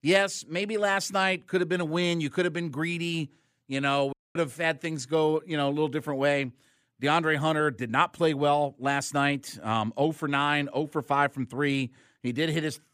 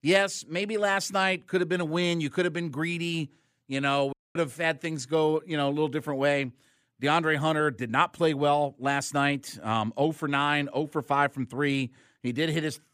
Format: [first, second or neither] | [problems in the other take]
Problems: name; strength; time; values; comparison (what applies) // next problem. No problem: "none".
neither | audio cutting out; at 4 s; the same in both